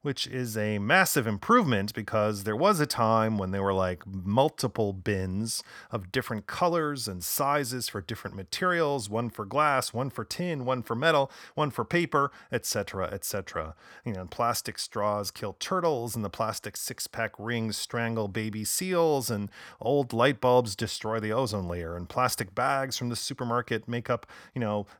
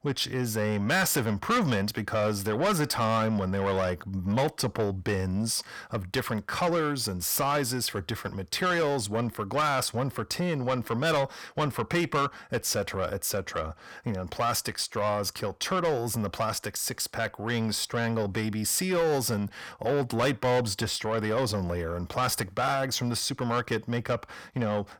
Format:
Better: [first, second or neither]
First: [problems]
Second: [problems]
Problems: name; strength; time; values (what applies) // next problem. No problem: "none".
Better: first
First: none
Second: distortion; heavy; 7 dB below the speech